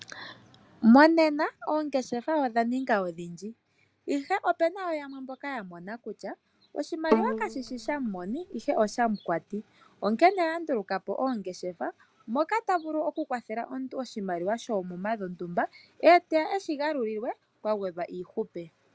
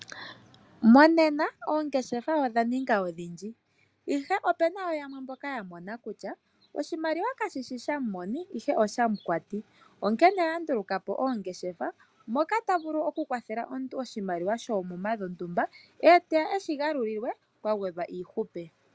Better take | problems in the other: second | background sound (Bowed string instrument); 4 dB below the speech

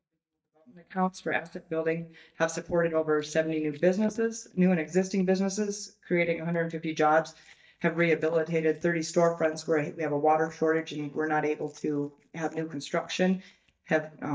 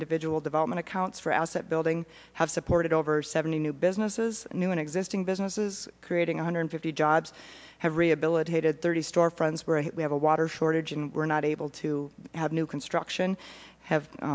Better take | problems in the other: second | noise reduction (neural mask model DeepFilterNet 3)

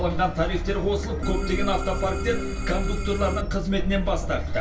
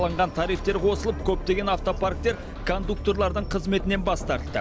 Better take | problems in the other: second | background sound (Organ); 9 dB below the speech // room echo; dies away in 0.3 s

